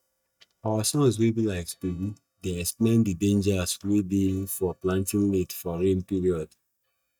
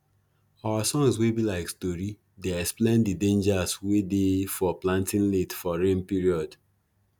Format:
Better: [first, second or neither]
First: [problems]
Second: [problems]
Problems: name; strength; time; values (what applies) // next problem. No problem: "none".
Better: second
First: noise reduction (neural mask model DeepFilterNet 3)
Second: none